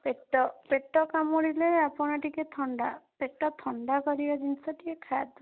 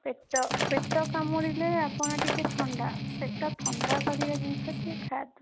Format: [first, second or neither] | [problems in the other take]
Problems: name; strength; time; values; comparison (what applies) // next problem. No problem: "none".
first | background sound (Shatter + Strum); as loud as the speech